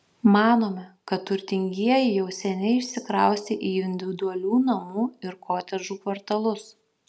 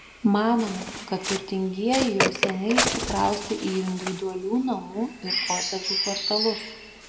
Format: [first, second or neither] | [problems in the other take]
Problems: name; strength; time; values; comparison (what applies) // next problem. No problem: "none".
first | background sound (Bird); 3 dB below the speech // room echo; dies away in 1.1 s